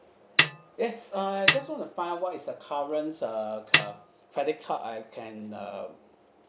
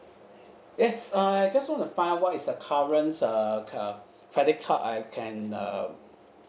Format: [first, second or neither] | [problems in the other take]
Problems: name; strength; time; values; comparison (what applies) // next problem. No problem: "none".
second | background sound (Snare drum); 5 dB above the speech